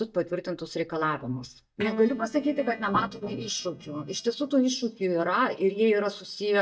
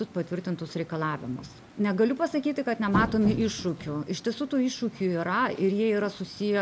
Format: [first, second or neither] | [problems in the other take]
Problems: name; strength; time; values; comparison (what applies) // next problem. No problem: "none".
second | noise reduction (neural mask model DeepFilterNet 3)